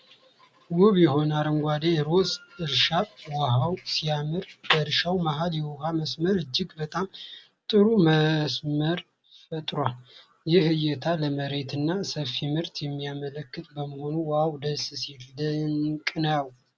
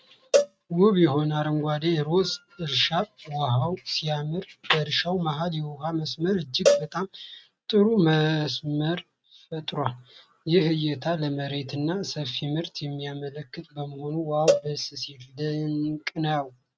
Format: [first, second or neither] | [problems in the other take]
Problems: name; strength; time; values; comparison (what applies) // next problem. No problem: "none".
first | noise reduction (neural mask model RNNoise)